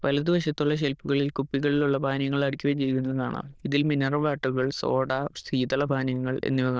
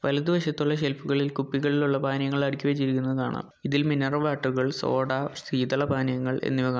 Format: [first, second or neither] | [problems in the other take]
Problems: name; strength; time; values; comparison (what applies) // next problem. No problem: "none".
second | noise reduction (neural diffusion model UNIVERSE++)